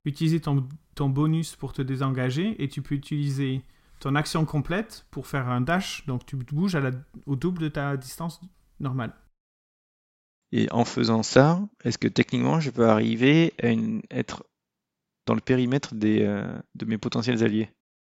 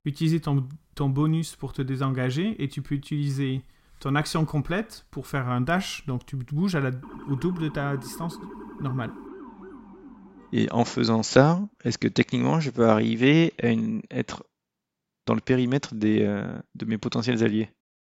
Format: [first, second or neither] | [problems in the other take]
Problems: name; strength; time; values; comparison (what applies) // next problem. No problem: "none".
first | siren; faint; from 7 to 11 s; peak 15 dB below the speech